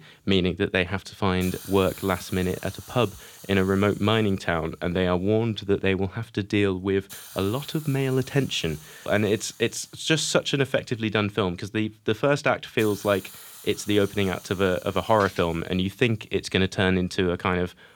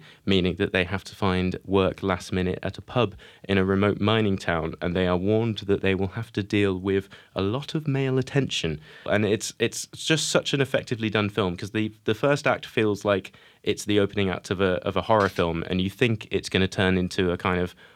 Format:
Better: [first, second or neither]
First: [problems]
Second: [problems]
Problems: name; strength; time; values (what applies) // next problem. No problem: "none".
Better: second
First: hiss; noticeable; throughout; 20 dB below the speech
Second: none